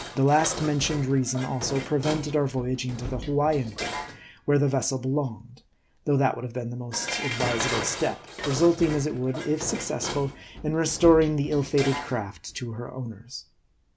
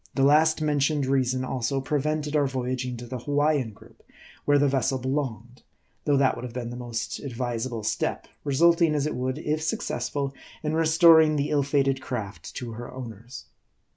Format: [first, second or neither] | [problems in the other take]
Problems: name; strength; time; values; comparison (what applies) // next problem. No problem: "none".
second | background sound (Dishes, pots, and pans); 10 dB below the speech